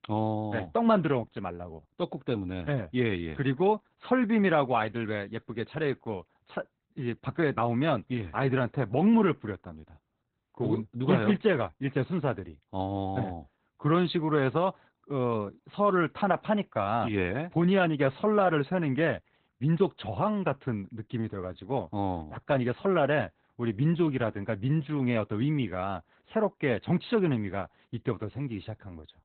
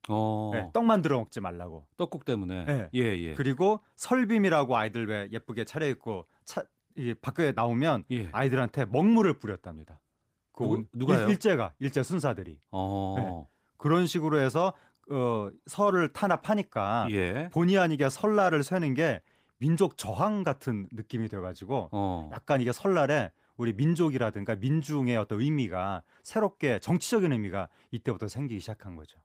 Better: second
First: garbled, watery; badly; nothing above 4 kHz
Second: garbled, watery; slightly; nothing above 15.5 kHz

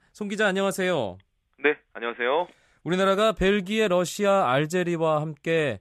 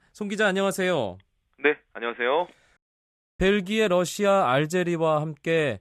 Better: first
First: none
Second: audio cutting out; at 3 s for 0.5 s

